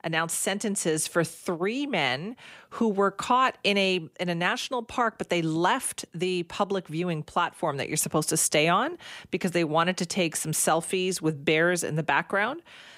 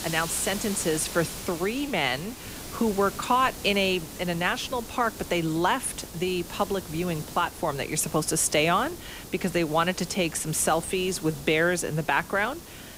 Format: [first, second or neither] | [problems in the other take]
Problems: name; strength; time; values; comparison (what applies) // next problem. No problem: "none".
first | hiss; noticeable; throughout; 10 dB below the speech